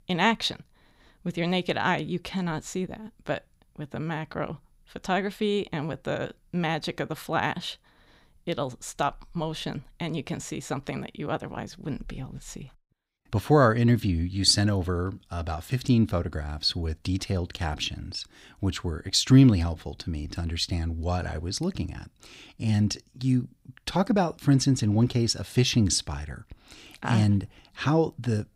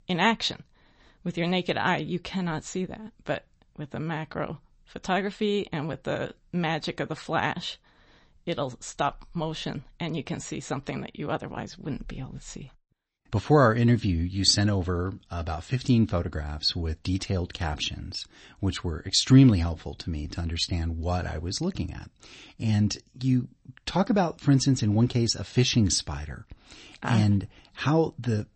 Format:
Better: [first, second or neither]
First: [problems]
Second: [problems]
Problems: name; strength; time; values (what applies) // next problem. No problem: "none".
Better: first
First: none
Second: garbled, watery; slightly; nothing above 8 kHz